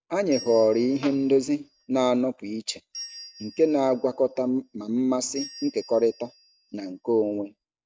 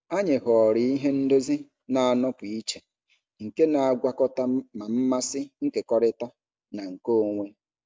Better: second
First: background sound (Fart + Bell); 20 dB below the speech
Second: none

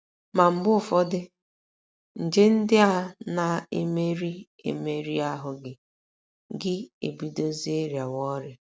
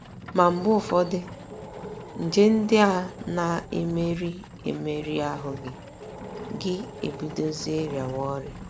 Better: first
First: none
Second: background sound (Animal + Livestock, farm animals, working animals); 13 dB below the speech

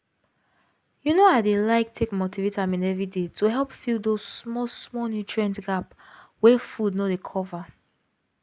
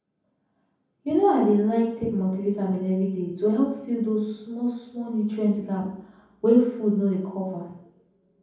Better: first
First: none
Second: room echo; dies away in 0.9 s

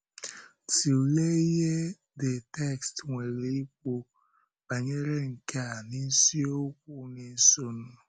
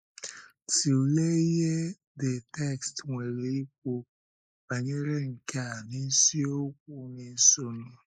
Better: first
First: none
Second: noise reduction (neural mask model Resemble Enhance denoiser)

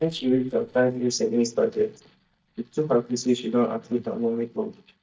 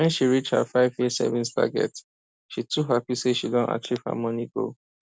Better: second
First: noise reduction (neural mask model DeepFilterNet 3)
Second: none

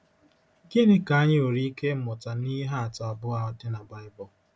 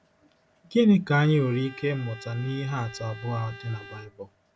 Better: first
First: none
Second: background sound (Bowed string instrument); 19 dB below the speech

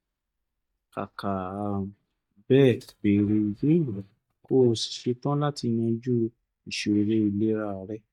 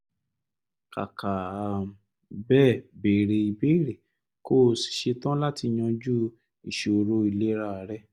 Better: second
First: noise reduction (neural mask model DeepFilterNet 3)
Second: none

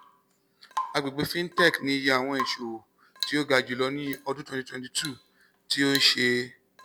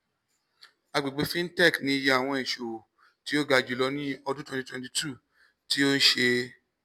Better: second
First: background sound (Drip / Water tap, faucet / Rain); 11 dB below the speech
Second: none

